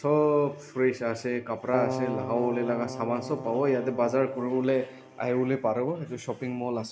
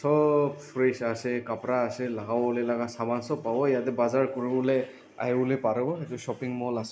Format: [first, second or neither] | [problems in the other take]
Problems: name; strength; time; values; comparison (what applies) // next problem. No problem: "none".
second | background sound (Keyboard (musical)); 9 dB below the speech